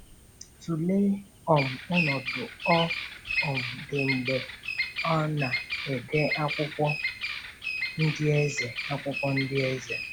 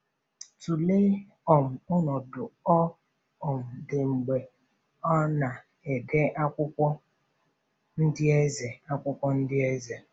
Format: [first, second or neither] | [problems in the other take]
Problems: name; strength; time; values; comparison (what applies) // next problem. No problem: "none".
second | background sound (Bird vocalization, bird call, bird song); 4 dB below the speech